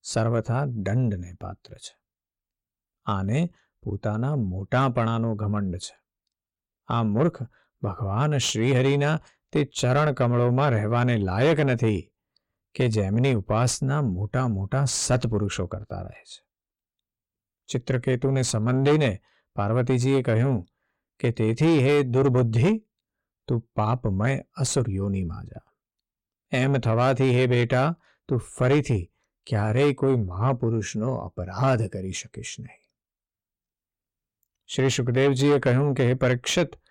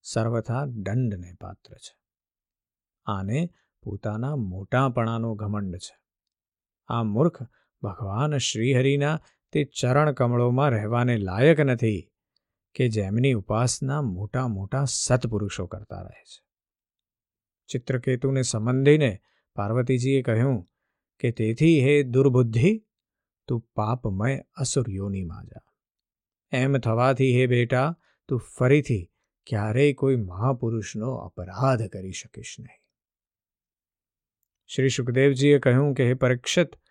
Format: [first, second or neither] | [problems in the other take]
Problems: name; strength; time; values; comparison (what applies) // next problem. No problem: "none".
second | distortion; slight; 10 dB below the speech